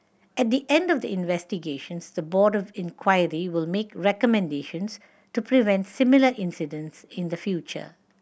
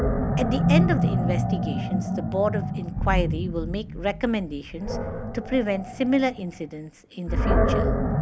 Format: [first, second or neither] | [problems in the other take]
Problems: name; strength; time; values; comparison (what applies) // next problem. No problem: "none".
first | background sound (Animal); 3 dB above the speech